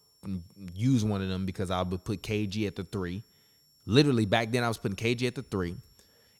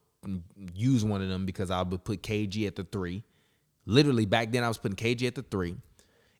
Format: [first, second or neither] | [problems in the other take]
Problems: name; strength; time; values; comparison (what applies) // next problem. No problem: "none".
second | high-pitched whine; faint; throughout; 5.5 kHz, 30 dB below the speech